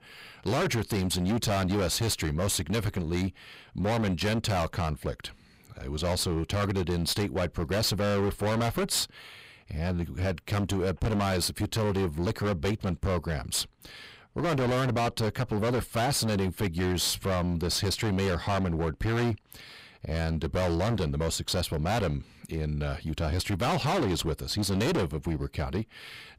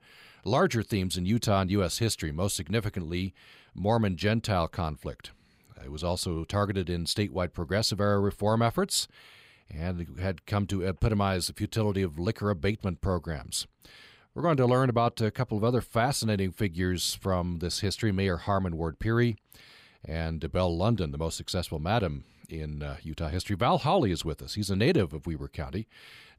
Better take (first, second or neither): second